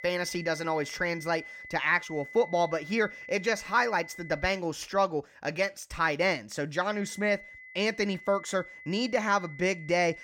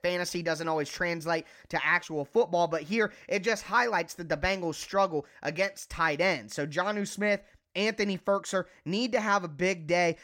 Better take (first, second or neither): second